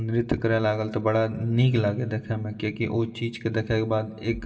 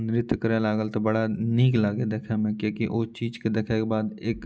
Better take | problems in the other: second | room echo; dies away in 1.7 s

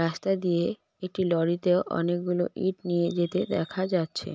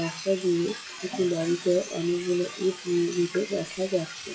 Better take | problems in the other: first | noise reduction (classical method WPE with log-MMSE)

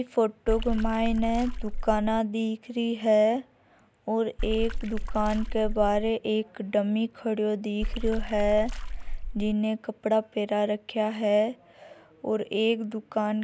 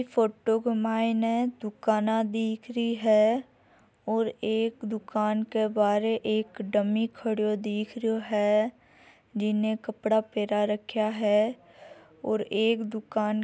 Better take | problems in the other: second | background sound (Water / Splash, splatter); 3 dB below the speech

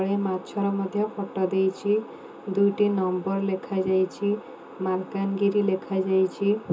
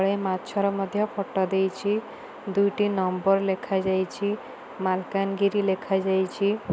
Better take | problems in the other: second | room echo; dies away in 0.2 s

